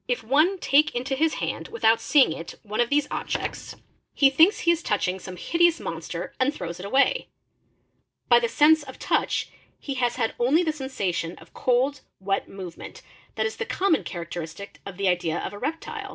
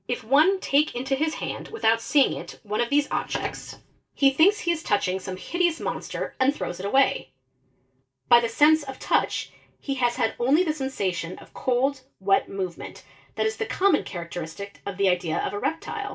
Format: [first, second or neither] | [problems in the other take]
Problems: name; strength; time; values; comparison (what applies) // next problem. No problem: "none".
first | room echo; dies away in 0.2 s